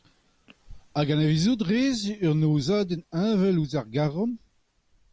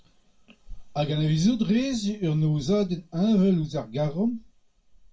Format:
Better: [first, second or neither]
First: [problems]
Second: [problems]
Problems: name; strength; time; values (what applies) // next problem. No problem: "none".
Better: first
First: none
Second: room echo; dies away in 0.2 s